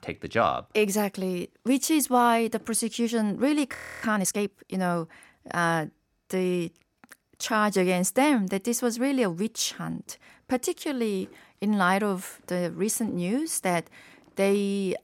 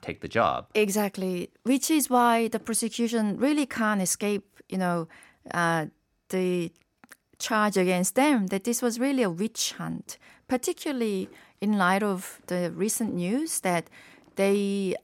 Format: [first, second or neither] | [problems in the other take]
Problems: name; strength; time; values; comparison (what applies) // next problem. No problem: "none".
second | audio freezing; at 4 s